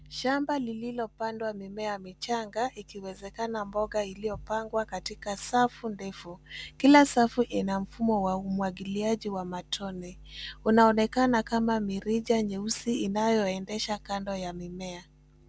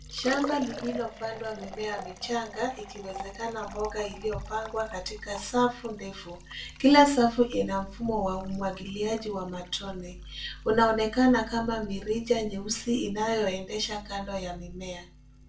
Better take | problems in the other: first | background sound (Liquid); 17 dB below the speech // room echo; dies away in 0.3 s

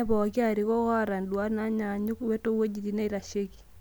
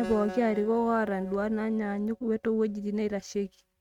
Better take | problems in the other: first | noise reduction (neural mask model RNNoise)

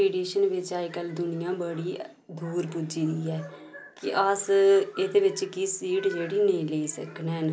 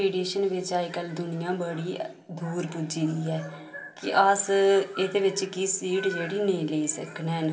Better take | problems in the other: first | room echo; dies away in 1 s

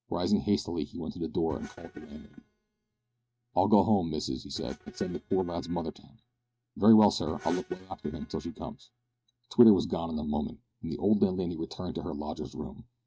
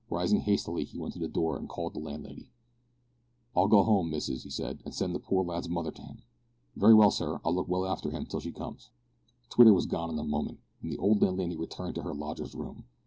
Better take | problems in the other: second | noise reduction (neural mask model RNNoise)

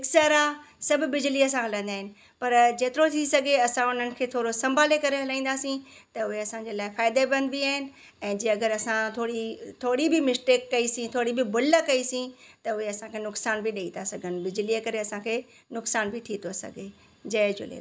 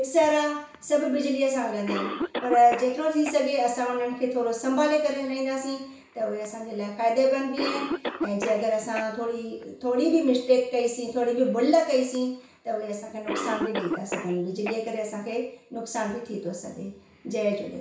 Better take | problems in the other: first | background sound (Cough); 12 dB below the speech // room echo; dies away in 0.6 s

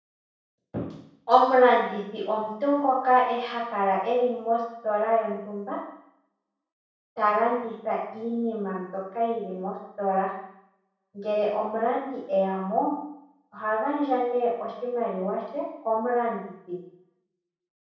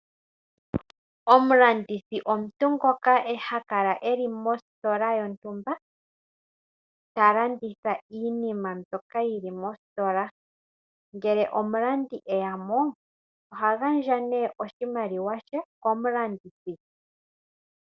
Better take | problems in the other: second | room echo; dies away in 0.7 s

